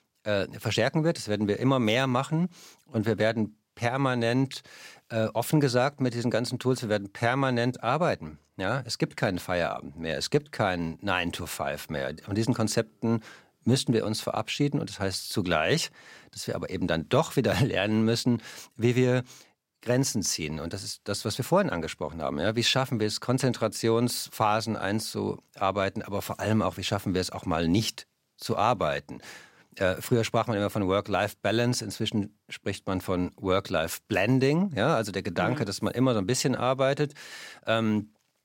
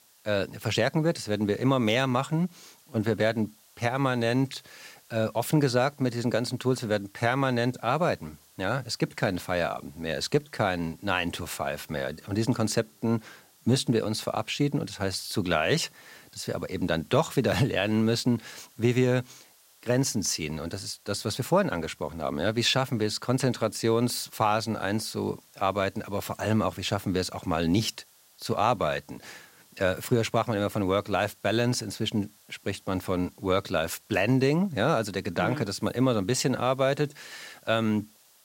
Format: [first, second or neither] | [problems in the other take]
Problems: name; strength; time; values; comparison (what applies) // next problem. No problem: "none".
first | hiss; faint; throughout; 30 dB below the speech